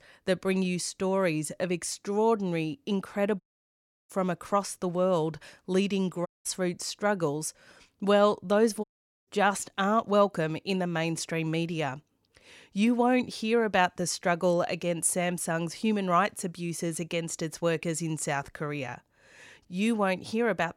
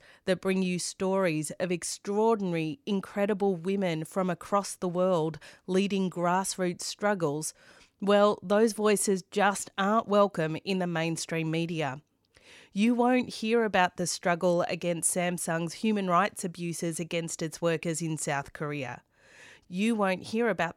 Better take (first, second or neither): second